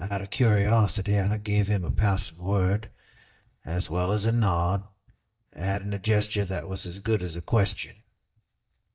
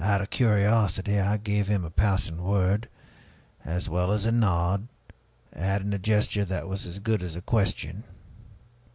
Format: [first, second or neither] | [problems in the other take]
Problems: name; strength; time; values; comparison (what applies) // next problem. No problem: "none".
second | noise reduction (neural mask model DeepFilterNet 3)